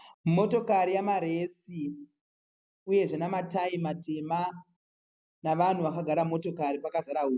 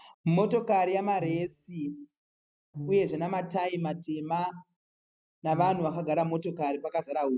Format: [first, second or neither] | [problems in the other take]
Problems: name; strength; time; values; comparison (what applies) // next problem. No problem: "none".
first | noise reduction (neural mask model RNNoise)